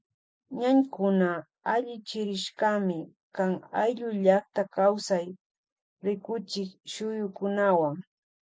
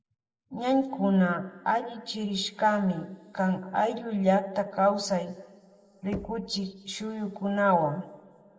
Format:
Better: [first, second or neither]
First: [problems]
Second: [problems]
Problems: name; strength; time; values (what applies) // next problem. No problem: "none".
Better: first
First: none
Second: background sound (Knock); 19 dB below the speech // room echo; dies away in 1.2 s